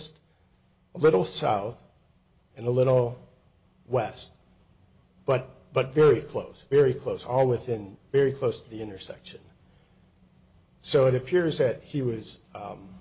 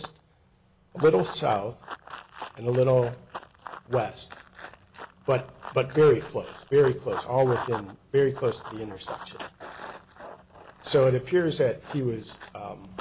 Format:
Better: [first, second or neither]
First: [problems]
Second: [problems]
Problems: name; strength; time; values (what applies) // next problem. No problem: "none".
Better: first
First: none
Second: background sound (Run); 15 dB below the speech